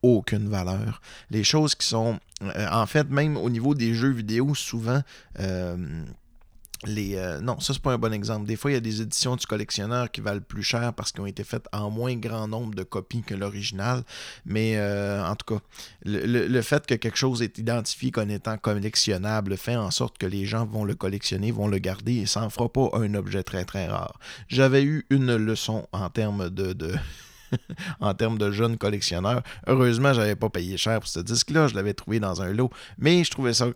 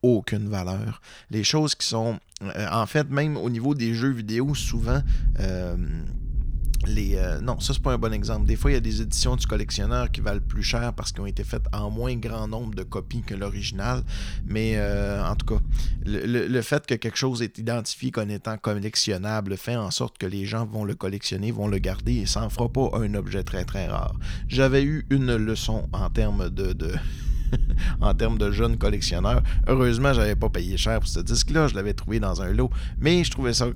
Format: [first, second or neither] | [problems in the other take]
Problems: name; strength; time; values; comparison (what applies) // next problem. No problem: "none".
first | low rumble; faint; from 4.5 to 16 s and from 22 s on; 20 dB below the speech